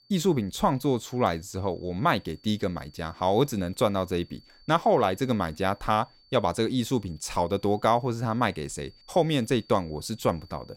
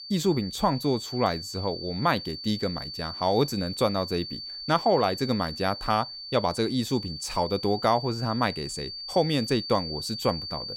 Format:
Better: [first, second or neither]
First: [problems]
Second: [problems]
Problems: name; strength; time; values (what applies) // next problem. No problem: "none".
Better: first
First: high-pitched whine; faint; throughout; 4.5 kHz, 30 dB below the speech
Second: high-pitched whine; loud; throughout; 4.5 kHz, 8 dB below the speech